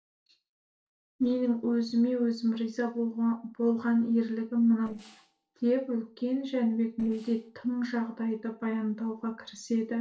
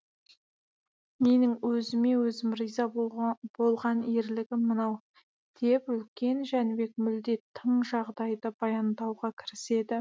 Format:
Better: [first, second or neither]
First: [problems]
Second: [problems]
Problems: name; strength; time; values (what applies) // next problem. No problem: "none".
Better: second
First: noise reduction (neural separator model SepFormer DNS4)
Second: none